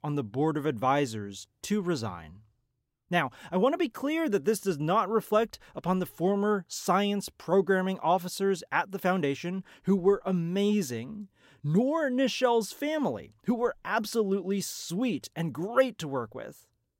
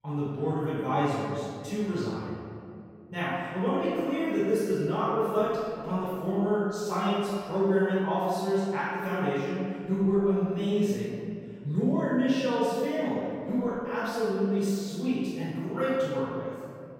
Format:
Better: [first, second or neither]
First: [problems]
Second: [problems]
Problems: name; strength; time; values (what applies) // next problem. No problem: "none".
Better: first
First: none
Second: room echo; strong; dies away in 2.3 s // off-mic speech; far